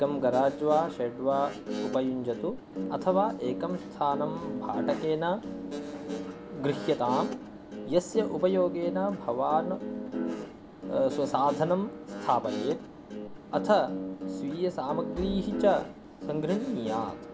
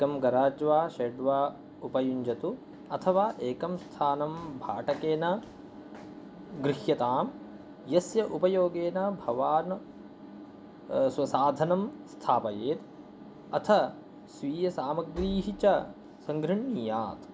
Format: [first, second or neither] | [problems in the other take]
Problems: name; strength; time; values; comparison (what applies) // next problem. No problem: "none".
second | background sound (Guitar); 7 dB below the speech